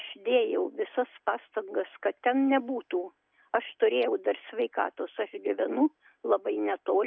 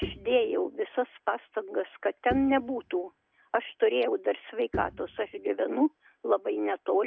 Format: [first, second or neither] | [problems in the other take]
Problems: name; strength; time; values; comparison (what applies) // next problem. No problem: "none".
first | background sound (Bowed string instrument); 15 dB below the speech